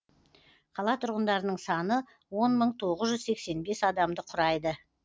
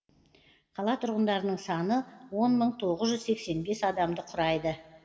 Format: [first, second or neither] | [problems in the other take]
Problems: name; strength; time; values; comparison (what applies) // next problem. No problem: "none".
first | room echo; dies away in 1.6 s